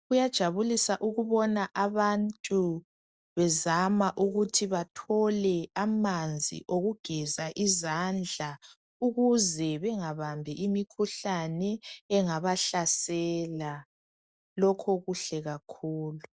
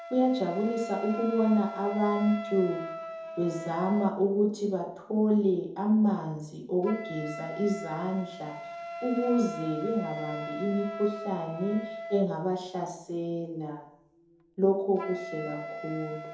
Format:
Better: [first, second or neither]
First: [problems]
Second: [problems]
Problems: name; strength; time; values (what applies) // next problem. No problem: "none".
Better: first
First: none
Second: background sound (Wind instrument, woodwind instrument); 11 dB below the speech // room echo; dies away in 2.6 s